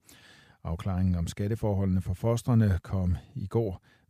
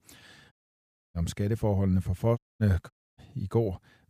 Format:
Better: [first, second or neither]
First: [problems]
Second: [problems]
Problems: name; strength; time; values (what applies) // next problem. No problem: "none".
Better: first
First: none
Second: audio cutting out; at 0.5 s for 0.5 s, at 2.5 s and at 3 s